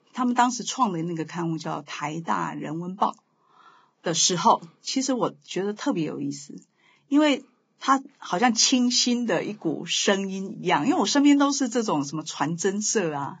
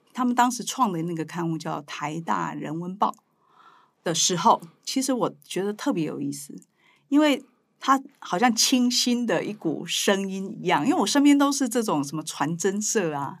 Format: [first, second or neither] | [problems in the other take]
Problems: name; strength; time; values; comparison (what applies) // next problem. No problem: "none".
second | garbled, watery; badly; nothing above 7.5 kHz